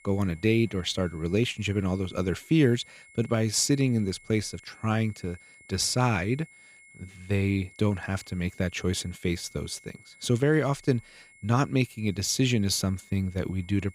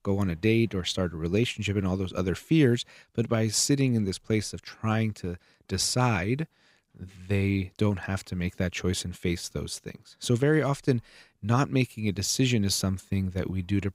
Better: second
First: high-pitched whine; faint; throughout; 2 kHz, 25 dB below the speech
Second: none

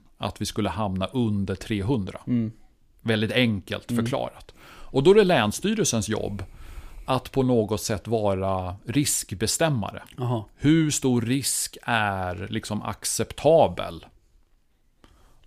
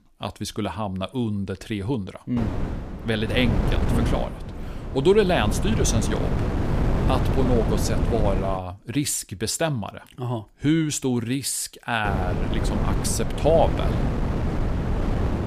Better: first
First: none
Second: wind noise on the microphone; heavy; from 2.5 to 8.5 s and from 12 s on; 6 dB below the speech

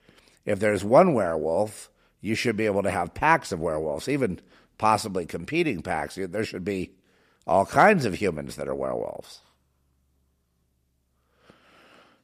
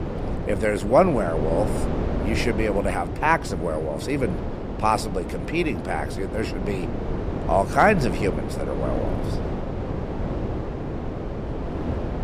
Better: first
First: none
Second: wind noise on the microphone; heavy; 9 dB below the speech

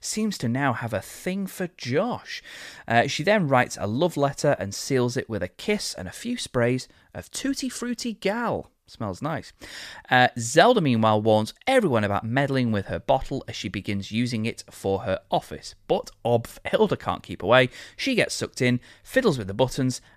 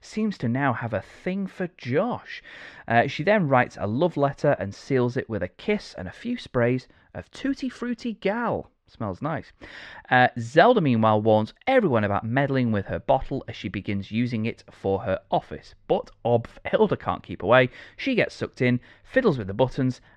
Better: first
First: none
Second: muffled; slightly; fading above 2.5 kHz

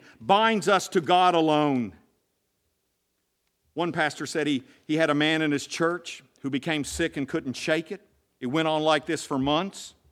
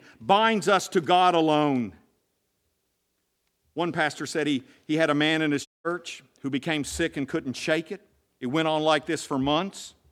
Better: first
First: none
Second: audio cutting out; at 5.5 s

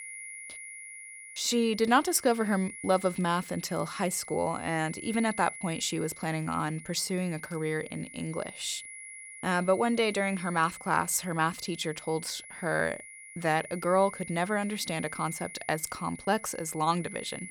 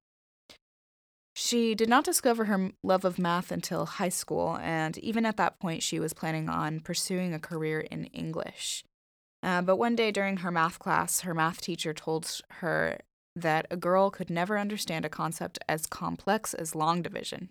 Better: second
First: high-pitched whine; noticeable; throughout; 2 kHz, 15 dB below the speech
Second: none

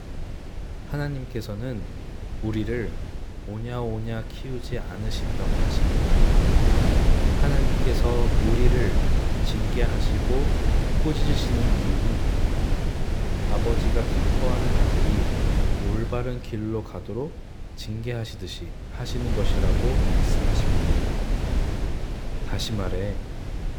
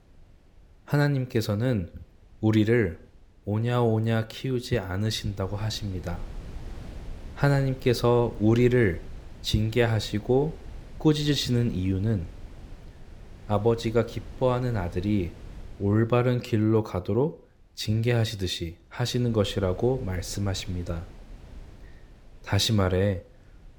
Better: second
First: wind noise on the microphone; heavy; 2 dB above the speech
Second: wind noise on the microphone; occasional gusts; 25 dB below the speech

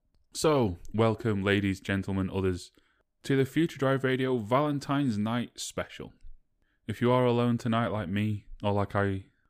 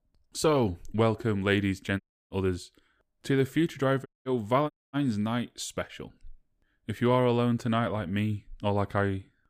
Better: first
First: none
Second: audio cutting out; at 2 s, at 4 s and at 4.5 s

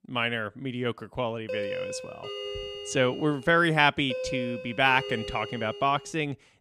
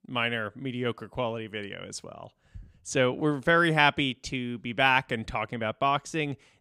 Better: second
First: doorbell; noticeable; from 1.5 to 6 s; peak 6 dB below the speech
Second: none

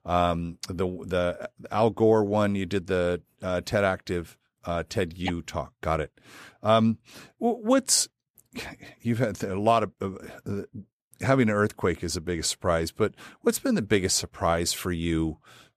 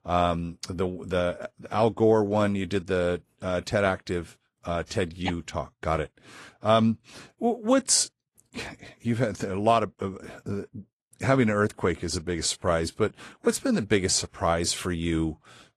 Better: first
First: none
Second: garbled, watery; slightly

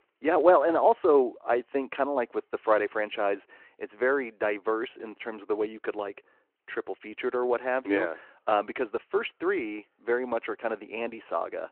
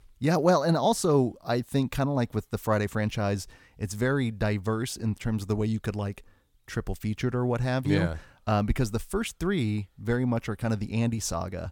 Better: second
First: phone-call audio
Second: none

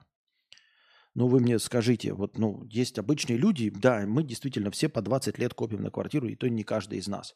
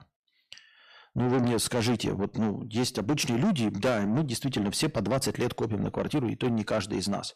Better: first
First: none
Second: distortion; heavy; 6 dB below the speech

